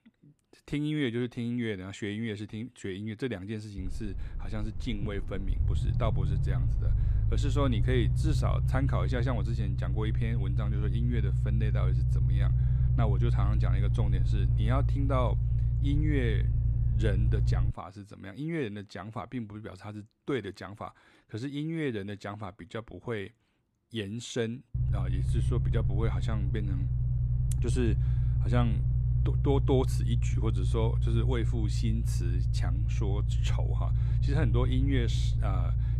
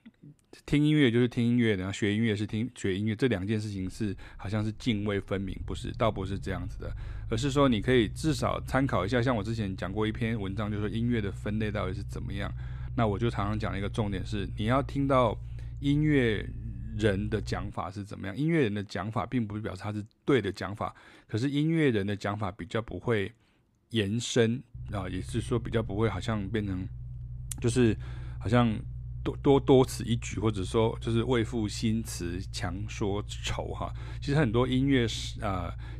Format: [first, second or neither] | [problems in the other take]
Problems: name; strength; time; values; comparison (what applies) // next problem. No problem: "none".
second | low rumble; loud; from 4 to 18 s and from 25 s on; 5 dB below the speech; faint in the second